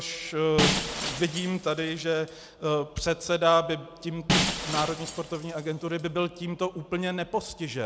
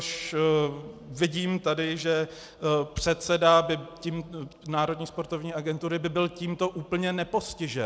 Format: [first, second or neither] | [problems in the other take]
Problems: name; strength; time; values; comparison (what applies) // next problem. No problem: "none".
second | background sound (Shatter); 4 dB below the speech